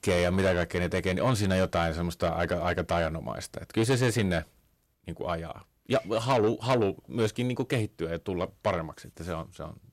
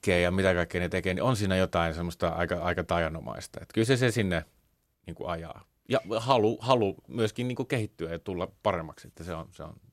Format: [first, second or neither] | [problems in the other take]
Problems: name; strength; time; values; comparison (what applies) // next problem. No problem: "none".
second | distortion; slight; 10 dB below the speech